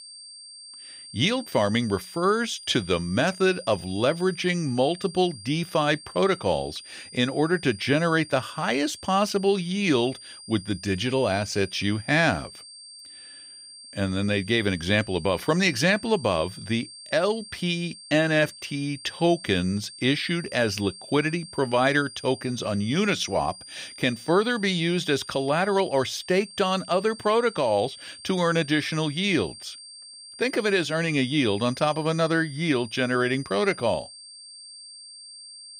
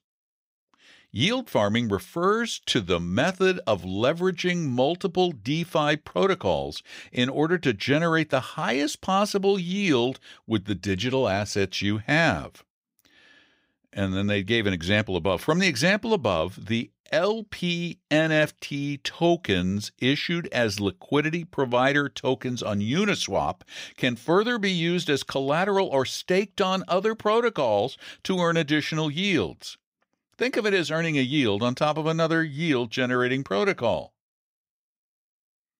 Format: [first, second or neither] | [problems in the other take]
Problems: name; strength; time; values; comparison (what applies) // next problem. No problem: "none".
second | high-pitched whine; noticeable; throughout; 4.5 kHz, 15 dB below the speech